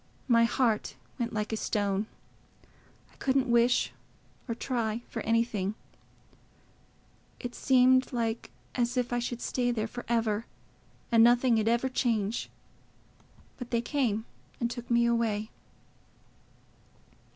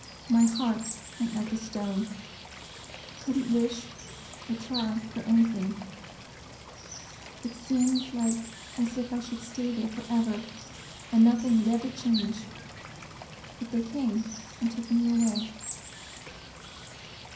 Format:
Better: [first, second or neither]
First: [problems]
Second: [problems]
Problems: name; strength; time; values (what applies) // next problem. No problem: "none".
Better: first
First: none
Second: background sound (Water / Bird); 12 dB below the speech // room echo; dies away in 0.6 s